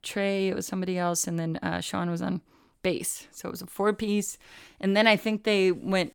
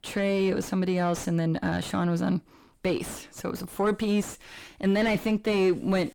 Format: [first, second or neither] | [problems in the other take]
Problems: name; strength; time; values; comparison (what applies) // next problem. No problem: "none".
first | distortion; heavy; 7 dB below the speech